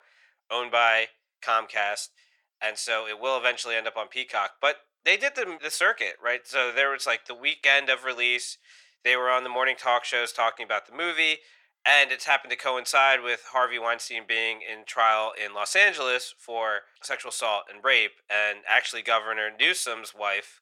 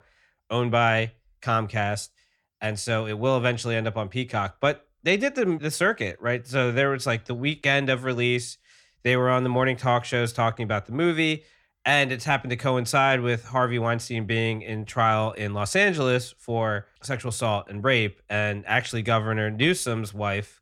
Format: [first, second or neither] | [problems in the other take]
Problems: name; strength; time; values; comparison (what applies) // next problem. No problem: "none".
second | thin; very; fading below 550 Hz